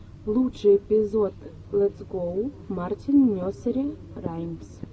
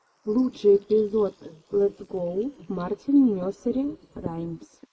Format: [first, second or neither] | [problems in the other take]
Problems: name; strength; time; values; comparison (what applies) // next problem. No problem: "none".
first | noise reduction (neural mask model Resemble Enhance denoiser)